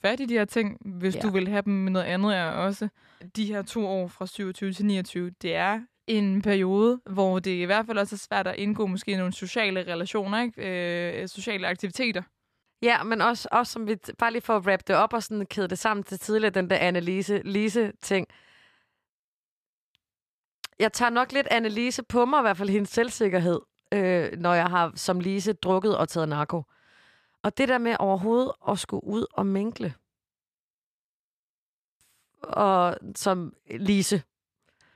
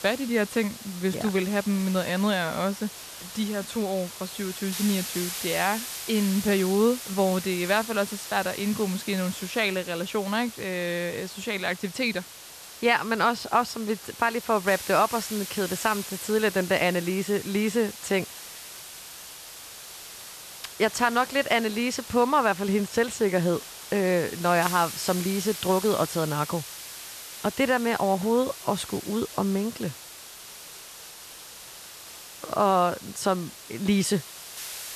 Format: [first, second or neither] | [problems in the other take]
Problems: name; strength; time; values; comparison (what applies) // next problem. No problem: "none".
first | hiss; noticeable; throughout; 10 dB below the speech